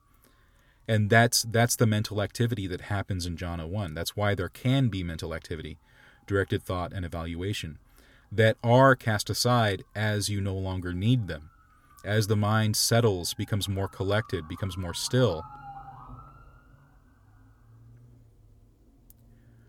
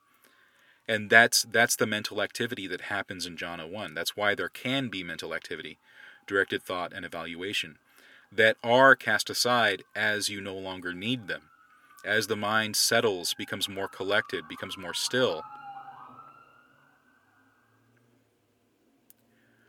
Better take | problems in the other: first | thin; somewhat; fading below 300 Hz

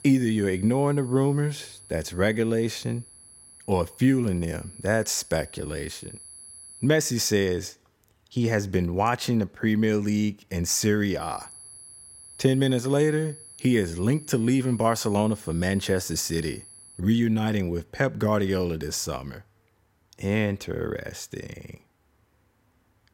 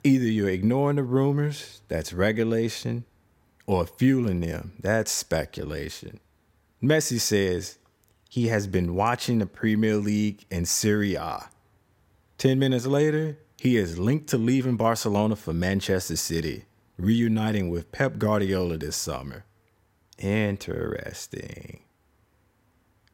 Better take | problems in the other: second | high-pitched whine; noticeable; until 7 s and from 11 to 17 s; 10.5 kHz, 20 dB below the speech

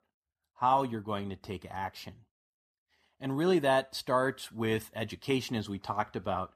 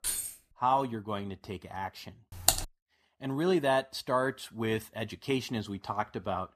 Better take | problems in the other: first | jangling keys; loud; at the start; peak level with the speech // keyboard typing; loud; at 2.5 s; peak 5 dB above the speech

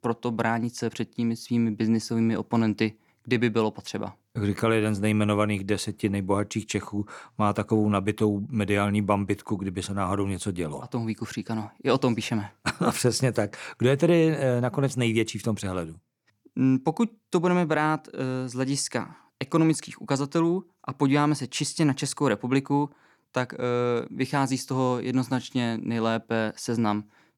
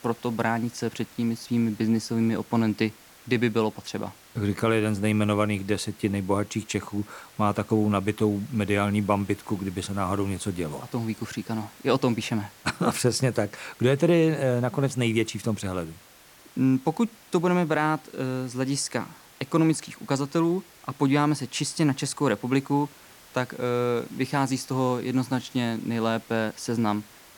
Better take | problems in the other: first | hiss; faint; throughout; 25 dB below the speech

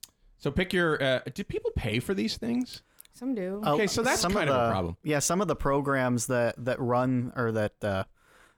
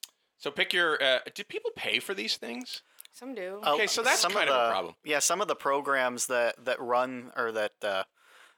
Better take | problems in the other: first | thin; somewhat; fading below 500 Hz

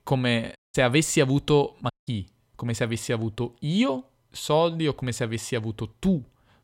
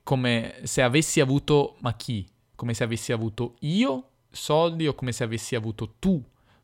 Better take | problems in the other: second | audio cutting out; at 0.5 s and at 2 s

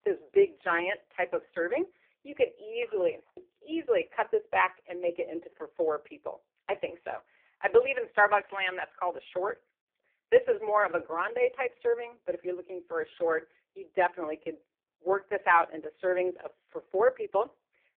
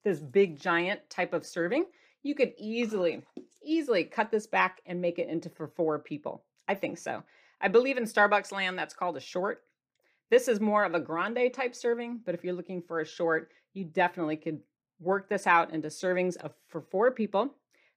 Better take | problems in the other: second | phone-call audio; poor line

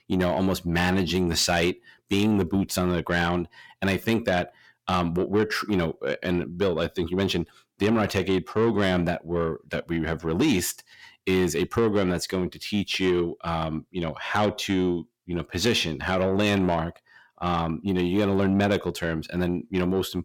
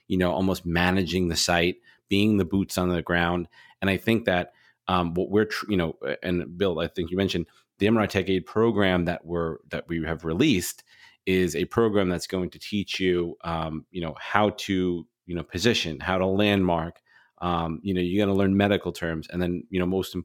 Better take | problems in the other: second | distortion; slight; 10 dB below the speech

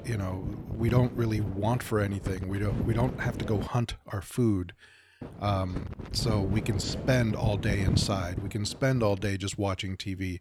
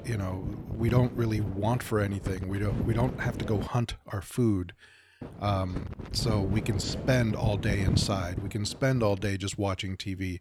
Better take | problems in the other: neither | wind noise on the microphone; heavy; until 3.5 s and from 5 to 9.5 s; 10 dB below the speech; the same in both

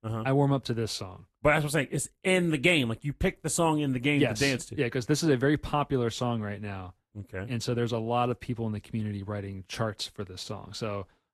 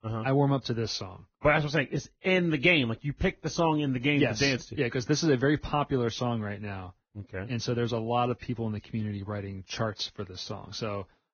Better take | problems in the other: first | garbled, watery; badly; nothing above 6.5 kHz; slightly in the first

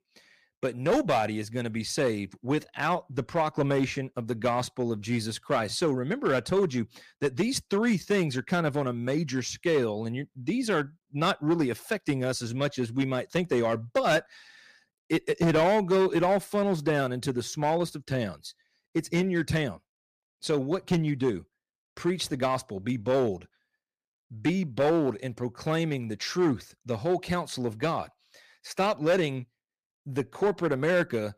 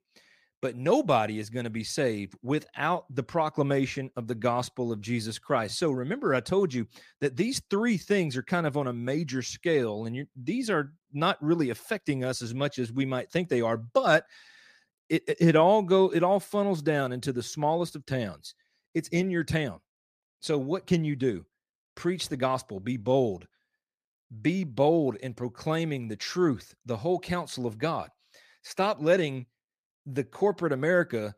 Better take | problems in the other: second | distortion; slight; 4% of the sound clipped

